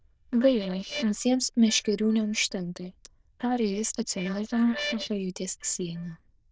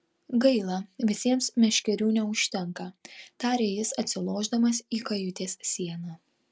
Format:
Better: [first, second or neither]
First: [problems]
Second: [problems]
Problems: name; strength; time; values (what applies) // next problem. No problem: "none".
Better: second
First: noise reduction (neural diffusion model UNIVERSE++)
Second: none